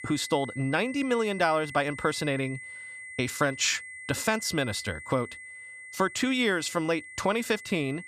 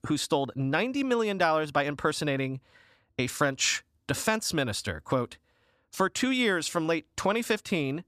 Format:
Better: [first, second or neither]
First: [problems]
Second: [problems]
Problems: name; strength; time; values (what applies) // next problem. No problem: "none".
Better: second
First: high-pitched whine; noticeable; throughout; 2 kHz, 15 dB below the speech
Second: none